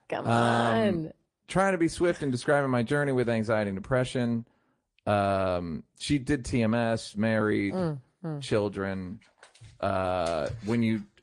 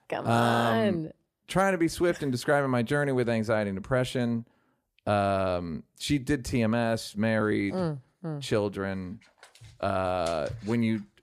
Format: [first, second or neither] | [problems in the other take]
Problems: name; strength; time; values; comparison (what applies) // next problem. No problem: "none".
second | garbled, watery; slightly; nothing above 10 kHz